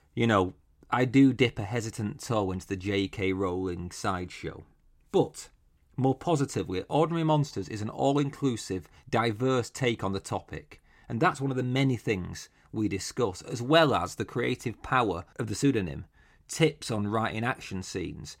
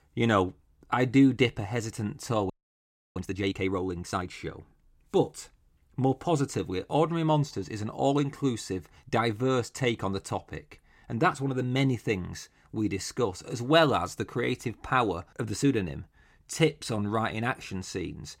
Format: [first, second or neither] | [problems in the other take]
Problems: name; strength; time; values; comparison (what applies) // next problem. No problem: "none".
first | audio freezing; at 2.5 s for 0.5 s